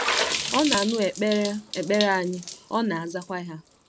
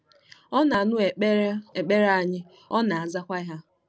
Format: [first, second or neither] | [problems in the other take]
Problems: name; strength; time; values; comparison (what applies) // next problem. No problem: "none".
second | background sound (Water / Splash, splatter); 5 dB below the speech